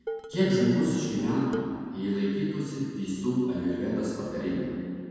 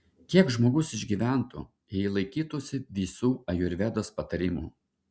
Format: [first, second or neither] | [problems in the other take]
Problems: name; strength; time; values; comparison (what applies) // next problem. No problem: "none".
second | background sound (Dishes, pots, and pans); 12 dB below the speech // room echo; dies away in 2 s